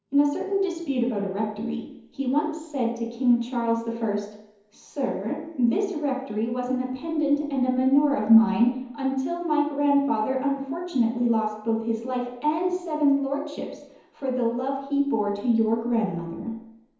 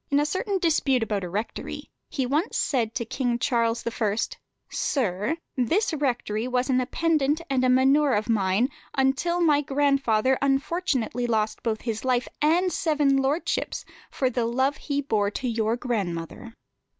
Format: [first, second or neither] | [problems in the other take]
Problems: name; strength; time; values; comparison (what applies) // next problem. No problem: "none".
second | room echo; dies away in 0.9 s